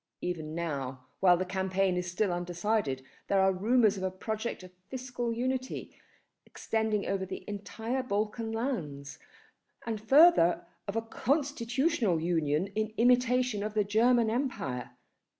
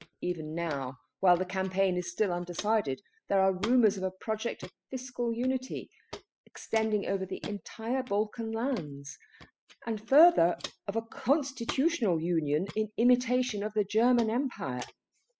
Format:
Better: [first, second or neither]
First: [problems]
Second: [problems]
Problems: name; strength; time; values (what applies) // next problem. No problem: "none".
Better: first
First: none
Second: noise reduction (classical method spectral subtraction)